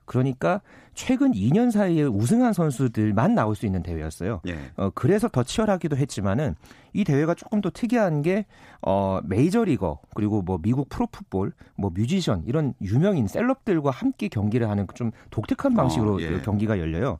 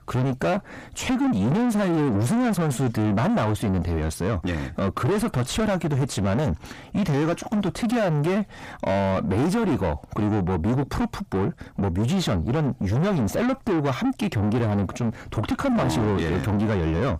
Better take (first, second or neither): first